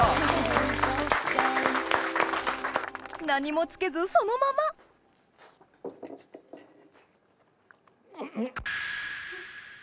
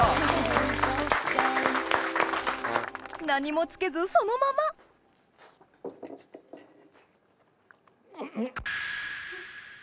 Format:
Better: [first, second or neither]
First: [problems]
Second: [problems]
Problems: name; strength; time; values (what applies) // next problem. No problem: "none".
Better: first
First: none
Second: background sound (Brass instrument); 12 dB below the speech